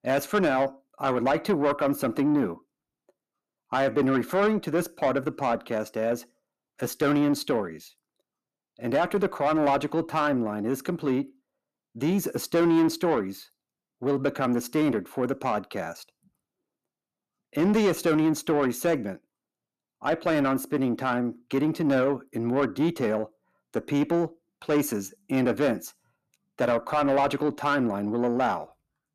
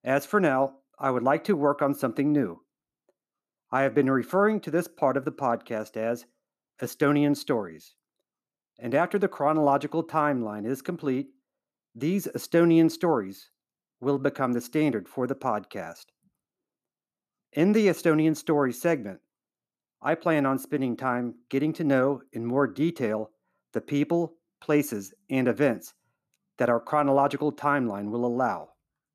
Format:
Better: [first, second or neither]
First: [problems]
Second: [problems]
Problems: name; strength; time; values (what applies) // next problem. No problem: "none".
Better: second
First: distortion; slight; 10 dB below the speech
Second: none